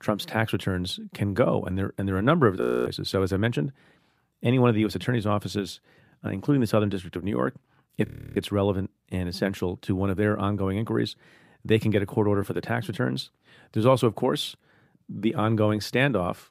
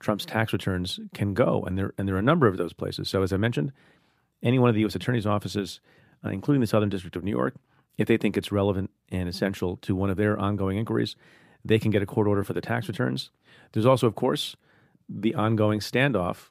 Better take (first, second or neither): second